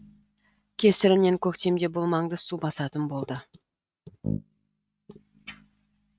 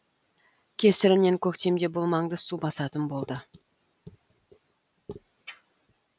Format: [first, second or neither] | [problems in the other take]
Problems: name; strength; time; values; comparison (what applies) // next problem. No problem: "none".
second | noise reduction (neural mask model RNNoise)